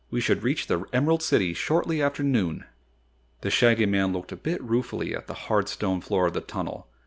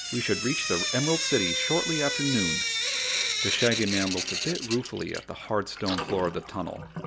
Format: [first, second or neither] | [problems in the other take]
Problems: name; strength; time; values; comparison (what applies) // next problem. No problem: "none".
first | background sound (Drip / Sink (filling or washing)); 1 dB below the speech